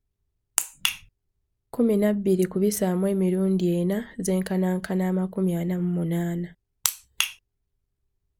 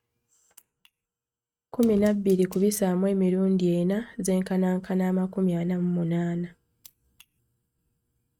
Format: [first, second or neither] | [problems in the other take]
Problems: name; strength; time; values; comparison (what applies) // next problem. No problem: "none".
first | noise reduction (neural mask model RNNoise)